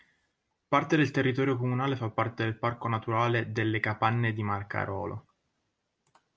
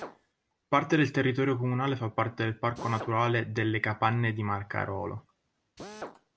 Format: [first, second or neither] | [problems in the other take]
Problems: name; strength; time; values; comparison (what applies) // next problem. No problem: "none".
first | background sound (Drill); 20 dB below the speech